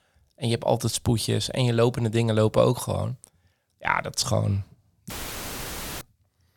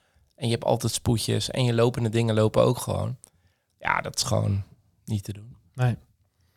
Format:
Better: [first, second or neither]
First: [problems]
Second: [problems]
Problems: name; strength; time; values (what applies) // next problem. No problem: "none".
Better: second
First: audio cutting out; filled with static; at 5 s for 1 s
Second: none